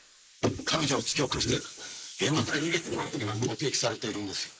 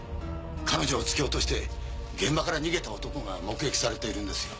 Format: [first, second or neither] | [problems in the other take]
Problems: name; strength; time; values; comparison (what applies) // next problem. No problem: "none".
second | noise reduction (neural mask model Resemble Enhance denoiser)